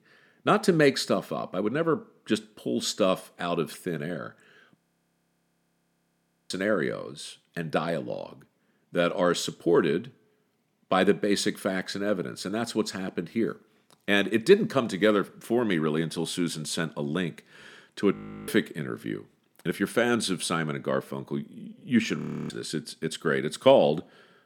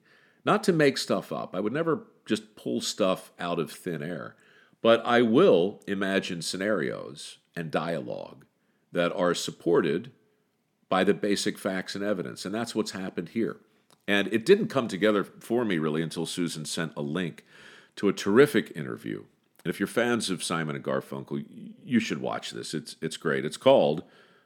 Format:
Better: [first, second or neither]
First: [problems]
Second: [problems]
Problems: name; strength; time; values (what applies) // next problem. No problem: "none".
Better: second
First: audio freezing; at 5 s for 1.5 s, at 18 s and at 22 s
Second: none